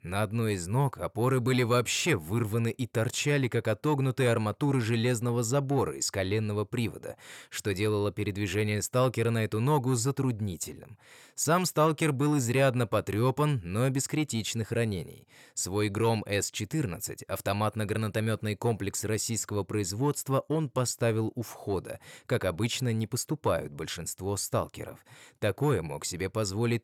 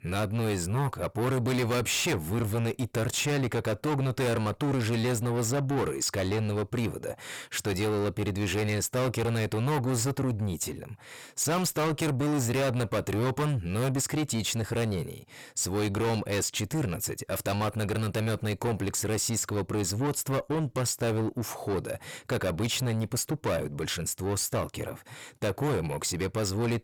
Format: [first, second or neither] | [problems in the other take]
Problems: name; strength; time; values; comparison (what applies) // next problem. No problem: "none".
first | distortion; heavy; 8 dB below the speech